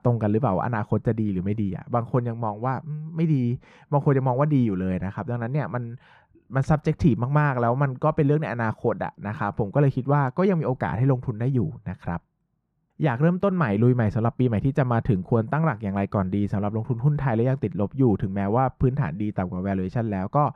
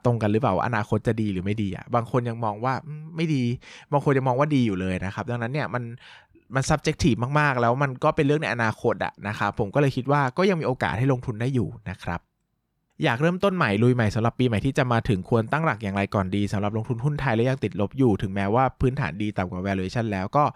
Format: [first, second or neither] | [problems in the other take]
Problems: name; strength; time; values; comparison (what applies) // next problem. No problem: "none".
second | muffled; slightly; fading above 2 kHz